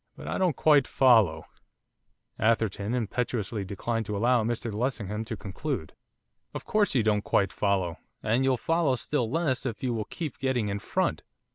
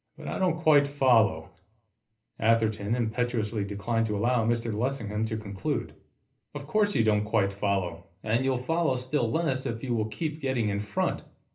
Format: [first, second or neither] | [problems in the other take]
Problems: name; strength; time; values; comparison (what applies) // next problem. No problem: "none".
first | room echo; dies away in 0.3 s